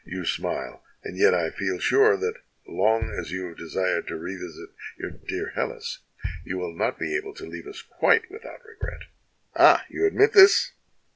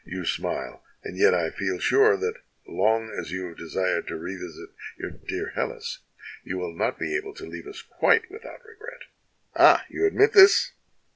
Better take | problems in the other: second | background sound (Bass drum); 13 dB below the speech

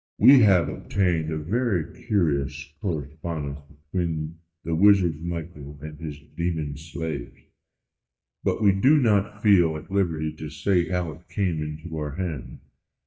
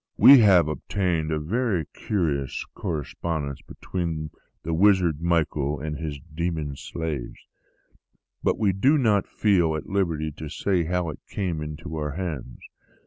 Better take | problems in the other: second | noise reduction (neural mask model DeepFilterNet 3)

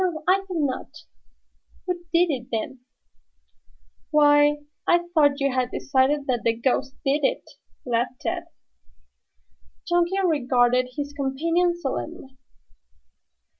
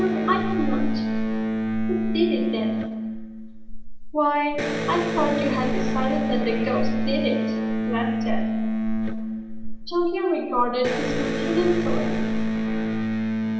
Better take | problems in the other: first | background sound (Electric guitar); 1 dB below the speech // room echo; dies away in 0.9 s

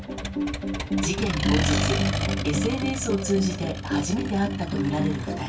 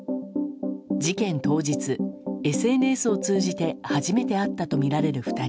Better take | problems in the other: second | background sound (Accelerating, revving, vroom); 3 dB below the speech // room echo; dies away in 0.2 s

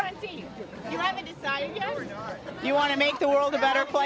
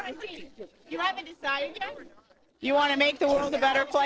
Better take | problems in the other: first | noise reduction (neural separator model SepFormer DNS4)

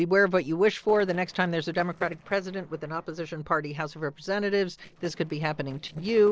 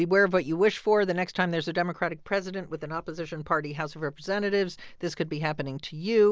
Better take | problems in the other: second | noise reduction (neural separator model SepFormer DNS4)

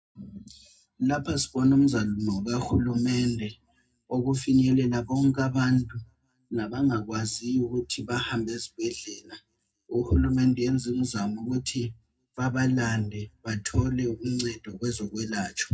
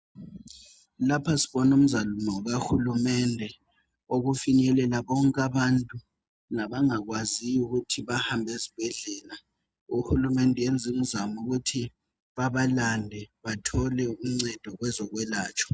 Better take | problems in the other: second | room echo; dies away in 0.2 s

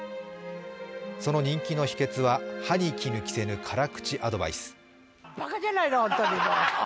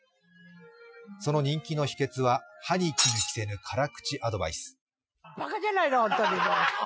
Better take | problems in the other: first | noise reduction (classical method Wiener filter)

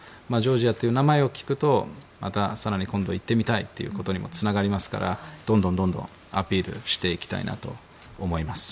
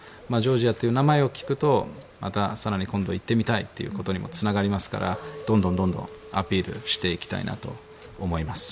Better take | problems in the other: first | background sound (Bird + Chink, clink); 19 dB below the speech

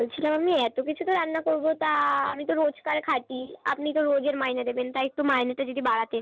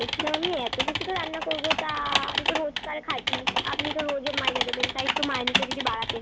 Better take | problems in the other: first | background sound (Typing); 3 dB above the speech

